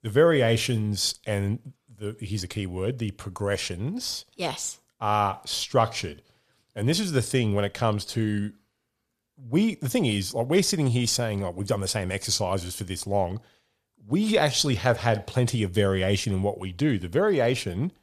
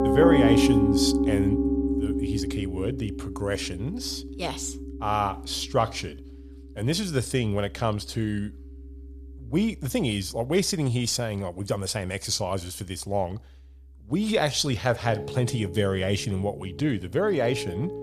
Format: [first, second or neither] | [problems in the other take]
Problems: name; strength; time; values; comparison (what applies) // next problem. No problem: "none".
first | background music; very loud; throughout; as loud as the speech